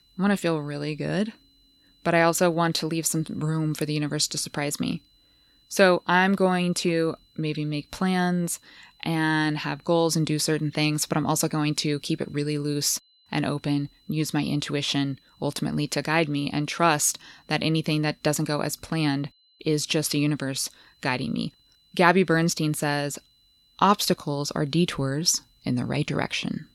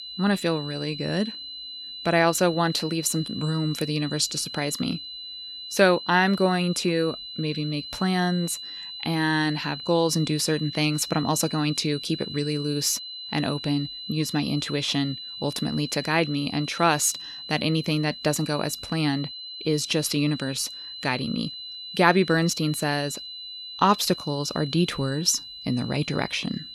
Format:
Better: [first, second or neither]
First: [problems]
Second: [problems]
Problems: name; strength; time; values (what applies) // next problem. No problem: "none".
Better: first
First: high-pitched whine; faint; throughout; 4 kHz, 35 dB below the speech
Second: high-pitched whine; loud; throughout; 4 kHz, 10 dB below the speech